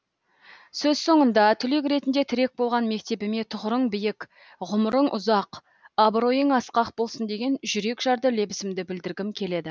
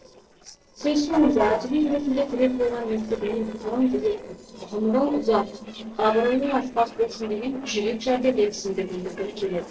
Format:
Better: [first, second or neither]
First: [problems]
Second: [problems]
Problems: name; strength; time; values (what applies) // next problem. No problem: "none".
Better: first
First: none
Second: noise reduction (neural separator model SepFormer DNS4)